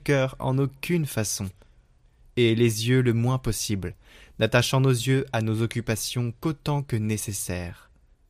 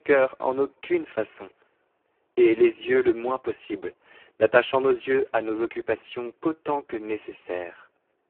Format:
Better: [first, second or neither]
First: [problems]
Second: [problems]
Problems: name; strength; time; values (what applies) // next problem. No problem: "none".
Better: first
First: none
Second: phone-call audio; poor line